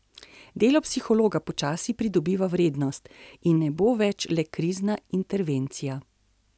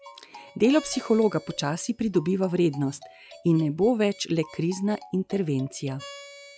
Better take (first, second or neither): first